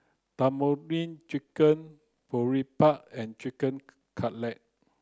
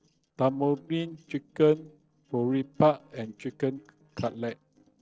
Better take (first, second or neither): first